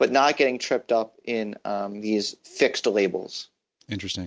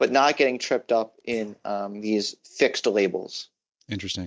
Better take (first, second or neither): first